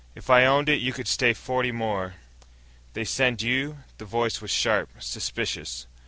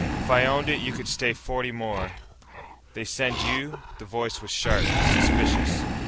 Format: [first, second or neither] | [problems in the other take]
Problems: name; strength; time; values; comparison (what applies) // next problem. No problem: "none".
first | background sound (Animal); 1 dB above the speech